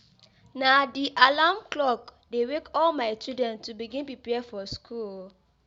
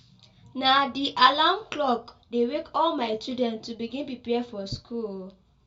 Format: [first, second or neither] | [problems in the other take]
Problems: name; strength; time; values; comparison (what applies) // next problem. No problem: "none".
first | room echo; dies away in 0.2 s